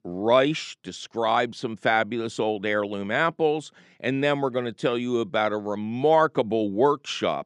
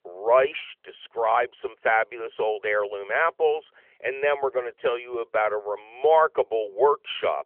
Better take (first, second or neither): first